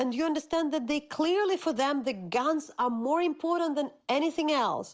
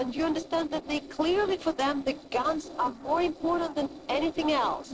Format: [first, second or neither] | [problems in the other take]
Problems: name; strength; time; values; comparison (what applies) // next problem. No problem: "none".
first | noise reduction (neural separator model SepFormer DNS4)